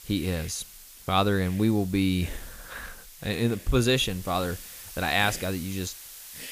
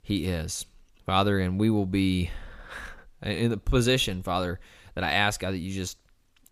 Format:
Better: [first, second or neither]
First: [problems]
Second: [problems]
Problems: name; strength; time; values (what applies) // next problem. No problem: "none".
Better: second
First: hiss; noticeable; throughout; 15 dB below the speech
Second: none